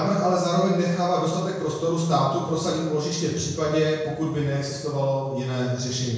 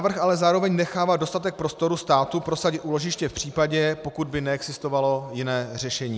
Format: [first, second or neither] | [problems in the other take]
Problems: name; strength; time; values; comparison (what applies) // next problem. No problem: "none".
second | room echo; dies away in 1 s